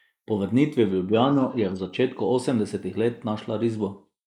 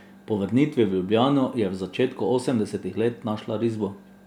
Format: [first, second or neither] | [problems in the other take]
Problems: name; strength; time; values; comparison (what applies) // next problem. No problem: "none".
second | noise reduction (neural mask model Resemble Enhance denoiser)